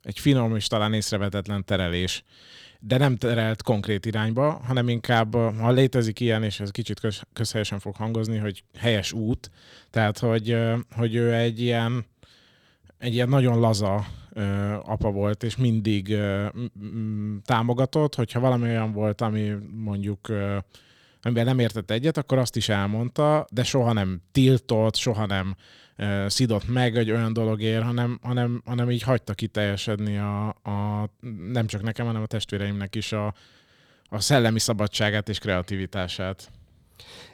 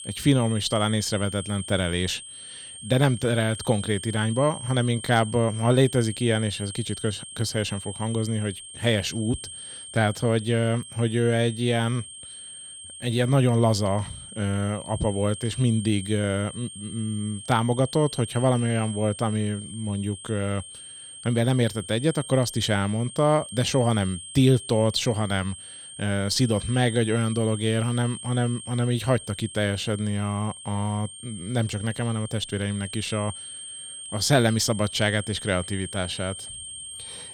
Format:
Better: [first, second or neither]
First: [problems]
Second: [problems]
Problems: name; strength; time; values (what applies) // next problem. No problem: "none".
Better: first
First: none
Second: high-pitched whine; noticeable; throughout; 8.5 kHz, 10 dB below the speech